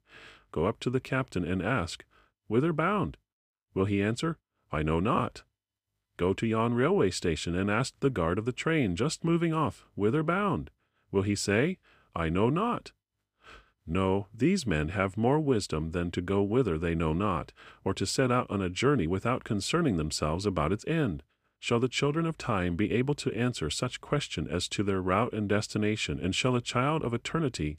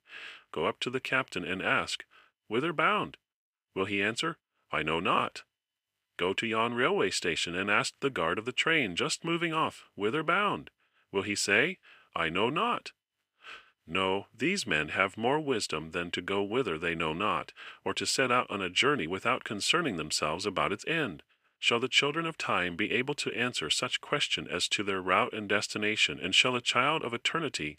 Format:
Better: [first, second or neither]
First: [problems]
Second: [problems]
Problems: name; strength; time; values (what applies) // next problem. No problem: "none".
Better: first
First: none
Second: thin; somewhat; fading below 1 kHz